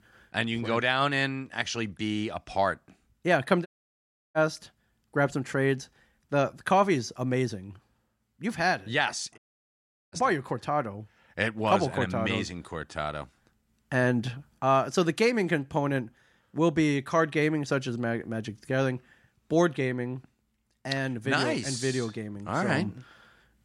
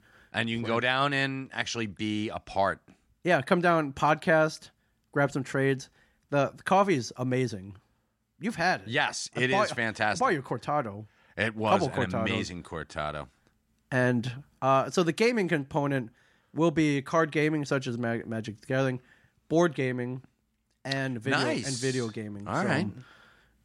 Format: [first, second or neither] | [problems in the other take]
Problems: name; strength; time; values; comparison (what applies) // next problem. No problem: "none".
second | audio cutting out; at 3.5 s for 0.5 s and at 9.5 s for 0.5 s